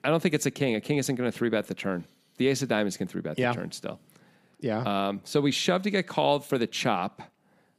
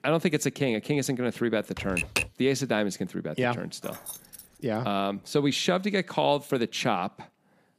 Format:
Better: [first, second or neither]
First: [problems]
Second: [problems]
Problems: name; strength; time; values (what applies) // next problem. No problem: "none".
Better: first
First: none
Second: keyboard typing; loud; at 2 s; peak level with the speech // jangling keys; faint; at 4 s; peak 10 dB below the speech